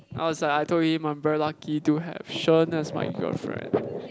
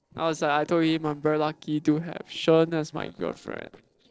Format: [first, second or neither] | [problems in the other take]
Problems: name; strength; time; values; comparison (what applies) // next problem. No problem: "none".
first | noise reduction (neural separator model SepFormer DNS4)